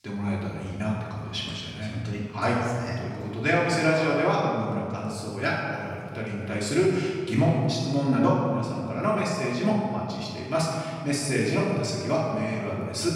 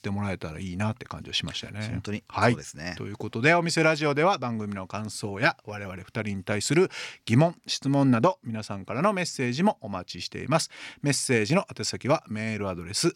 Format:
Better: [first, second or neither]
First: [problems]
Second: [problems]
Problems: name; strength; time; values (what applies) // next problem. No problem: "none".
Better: second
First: off-mic speech; far // room echo; noticeable; dies away in 2.1 s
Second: none